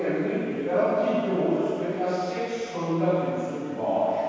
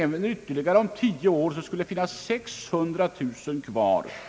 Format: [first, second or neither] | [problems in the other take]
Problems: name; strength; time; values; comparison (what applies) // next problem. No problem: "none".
second | room echo; dies away in 2.2 s